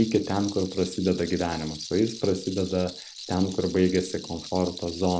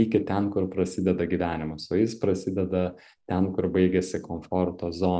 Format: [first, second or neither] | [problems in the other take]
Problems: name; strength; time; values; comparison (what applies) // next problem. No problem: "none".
second | background sound (Rattle); 15 dB below the speech